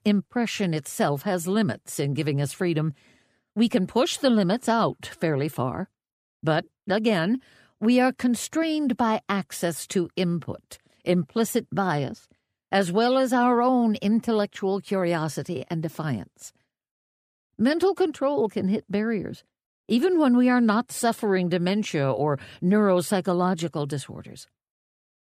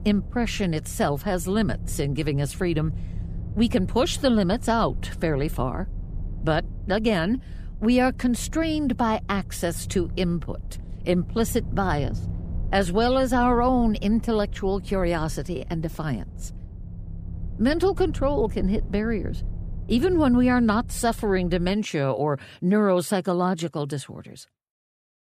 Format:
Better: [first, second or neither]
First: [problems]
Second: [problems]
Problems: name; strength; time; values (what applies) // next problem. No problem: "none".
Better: first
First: none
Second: low rumble; faint; until 22 s; 25 dB below the speech